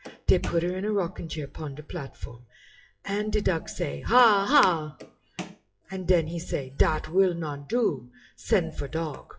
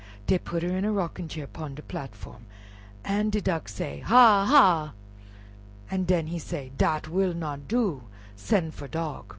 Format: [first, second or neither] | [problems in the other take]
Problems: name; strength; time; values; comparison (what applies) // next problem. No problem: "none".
second | noise reduction (classical method WPE with log-MMSE)